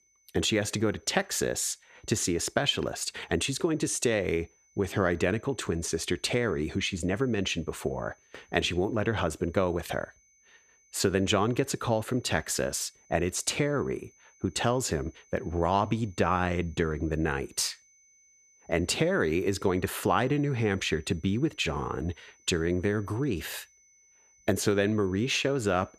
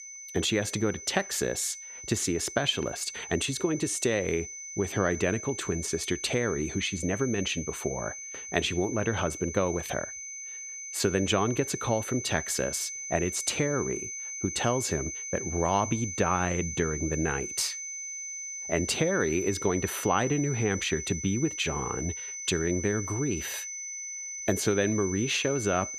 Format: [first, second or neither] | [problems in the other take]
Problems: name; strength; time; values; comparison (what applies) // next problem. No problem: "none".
first | high-pitched whine; loud; throughout; 6 kHz, 7 dB below the speech; faint in the first